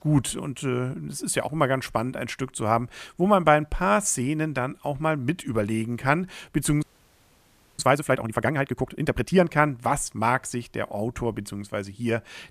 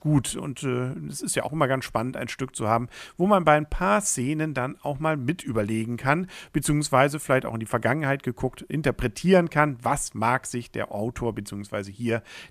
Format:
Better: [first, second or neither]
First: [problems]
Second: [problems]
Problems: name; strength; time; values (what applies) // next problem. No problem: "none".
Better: second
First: audio freezing; at 7 s for 1 s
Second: none